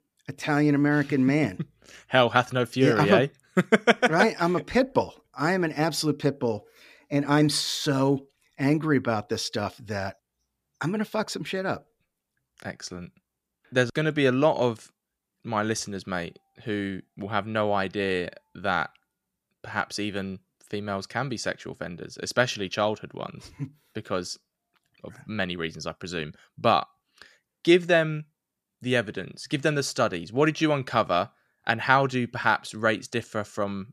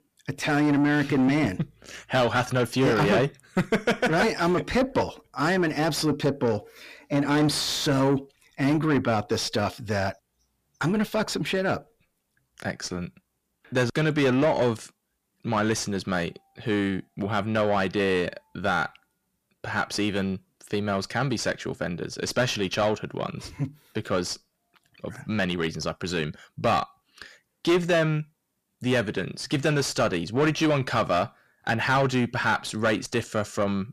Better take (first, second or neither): first